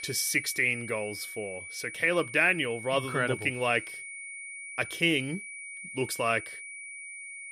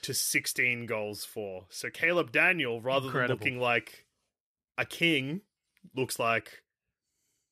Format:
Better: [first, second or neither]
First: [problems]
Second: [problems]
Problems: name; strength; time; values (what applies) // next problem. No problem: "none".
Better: second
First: high-pitched whine; noticeable; throughout; 2 kHz, 10 dB below the speech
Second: none